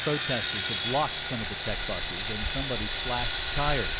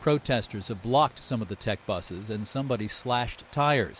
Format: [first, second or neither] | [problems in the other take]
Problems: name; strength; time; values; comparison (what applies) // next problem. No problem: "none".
second | background sound (Sawing); 2 dB above the speech